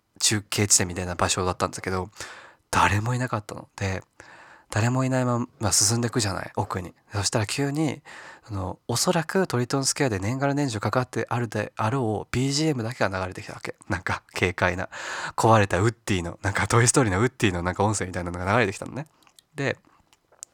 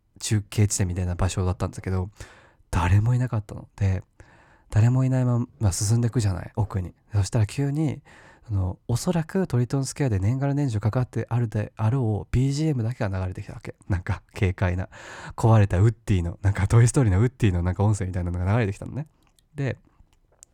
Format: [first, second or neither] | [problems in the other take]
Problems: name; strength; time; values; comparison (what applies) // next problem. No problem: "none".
second | thin; somewhat; fading below 550 Hz